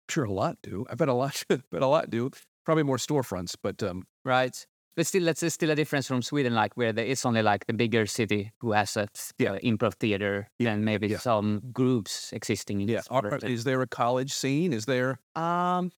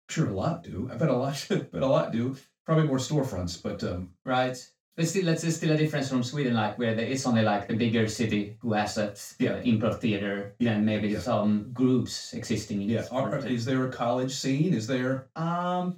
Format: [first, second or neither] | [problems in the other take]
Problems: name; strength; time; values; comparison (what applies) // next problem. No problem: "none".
first | room echo; slight; dies away in 0.2 s // off-mic speech; far